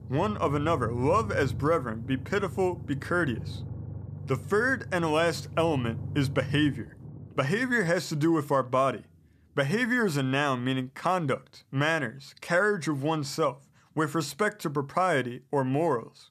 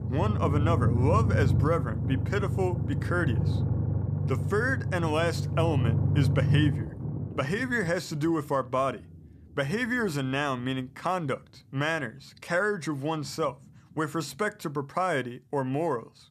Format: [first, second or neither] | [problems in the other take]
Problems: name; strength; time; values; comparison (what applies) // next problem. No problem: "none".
first | low rumble; loud; throughout; 9 dB below the speech; faint in the first